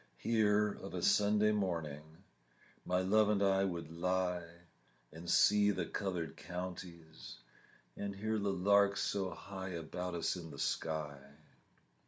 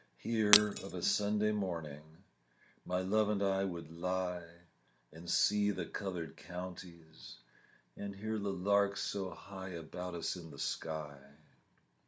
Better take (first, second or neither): first